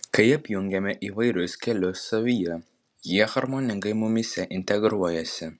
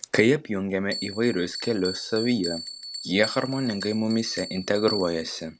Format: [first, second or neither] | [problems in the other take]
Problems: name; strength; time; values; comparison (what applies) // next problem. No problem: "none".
first | background sound (Bell); 12 dB below the speech